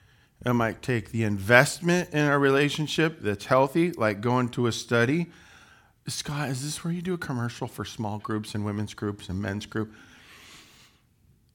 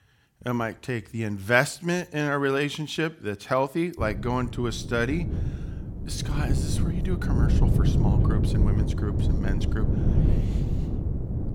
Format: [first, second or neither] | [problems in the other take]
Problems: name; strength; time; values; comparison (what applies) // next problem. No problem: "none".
first | wind noise on the microphone; heavy; from 4 s on; 8 dB below the speech